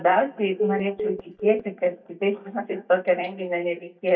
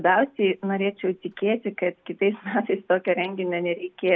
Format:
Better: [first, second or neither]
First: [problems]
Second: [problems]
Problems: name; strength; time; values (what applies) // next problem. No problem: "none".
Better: second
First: noise reduction (neural mask model DeepFilterNet 3)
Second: none